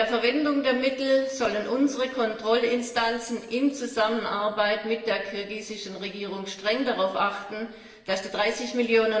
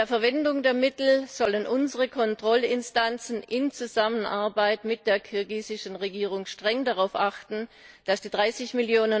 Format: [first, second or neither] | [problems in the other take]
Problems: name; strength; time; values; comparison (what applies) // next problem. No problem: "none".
second | room echo; dies away in 1.2 s